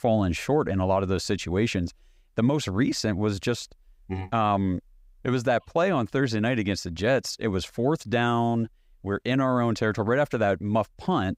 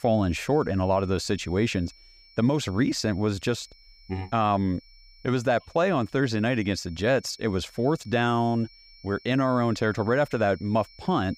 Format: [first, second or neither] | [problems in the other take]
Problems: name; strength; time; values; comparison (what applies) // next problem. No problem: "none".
first | high-pitched whine; faint; throughout; 5.5 kHz, 25 dB below the speech